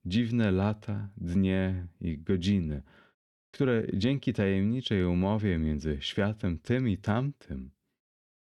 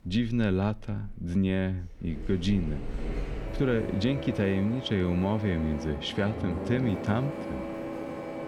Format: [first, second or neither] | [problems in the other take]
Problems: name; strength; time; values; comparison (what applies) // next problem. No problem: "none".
first | household noises; loud; throughout; 8 dB below the speech